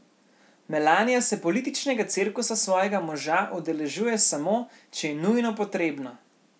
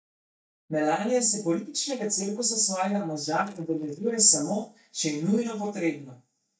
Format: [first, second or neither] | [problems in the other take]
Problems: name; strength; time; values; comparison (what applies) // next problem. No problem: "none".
first | noise reduction (neural mask model DeepFilterNet 3)